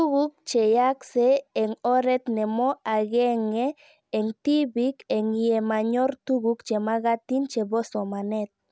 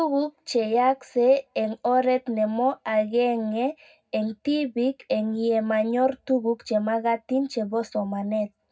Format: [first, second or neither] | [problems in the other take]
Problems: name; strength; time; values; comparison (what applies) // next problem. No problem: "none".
first | room echo; dies away in 0.3 s